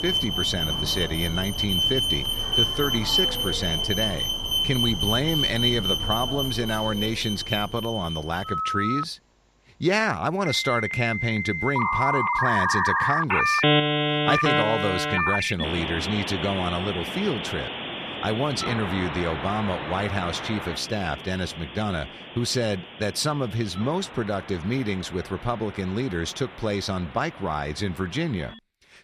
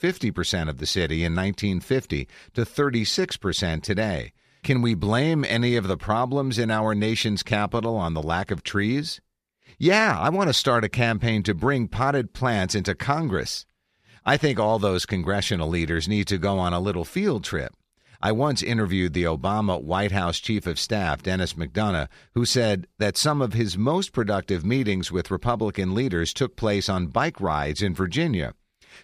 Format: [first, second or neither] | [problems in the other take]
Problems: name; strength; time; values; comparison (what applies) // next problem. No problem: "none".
second | alarms or sirens; very loud; throughout; 2 dB above the speech